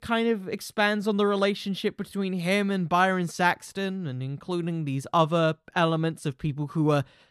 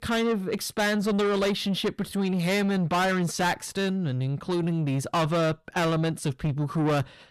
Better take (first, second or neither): first